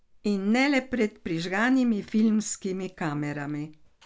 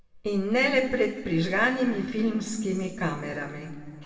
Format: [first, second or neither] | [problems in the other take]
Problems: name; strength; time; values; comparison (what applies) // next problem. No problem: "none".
first | room echo; dies away in 2.4 s